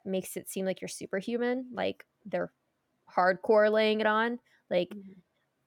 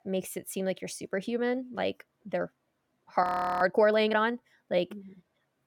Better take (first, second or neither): first